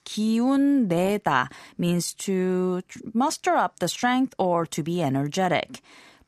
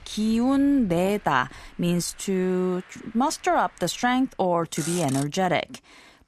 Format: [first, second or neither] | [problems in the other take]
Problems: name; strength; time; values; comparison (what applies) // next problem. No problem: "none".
first | traffic noise; noticeable; throughout; 15 dB below the speech